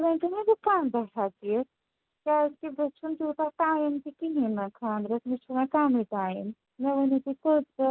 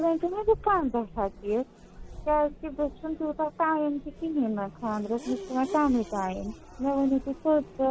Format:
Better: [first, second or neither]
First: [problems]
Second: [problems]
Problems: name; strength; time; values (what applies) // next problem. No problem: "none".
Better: first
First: none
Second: background sound (Race car, auto racing / Accelerating, revving, vroom); 16 dB below the speech